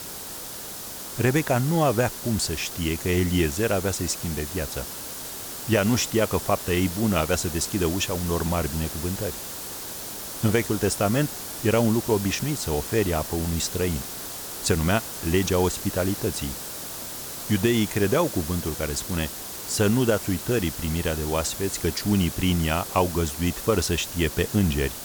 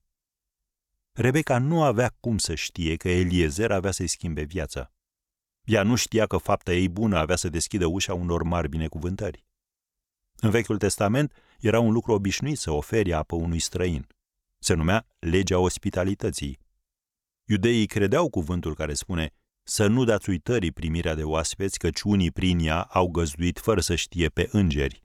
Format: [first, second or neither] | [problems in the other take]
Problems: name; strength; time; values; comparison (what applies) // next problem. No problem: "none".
second | hiss; loud; throughout; 8 dB below the speech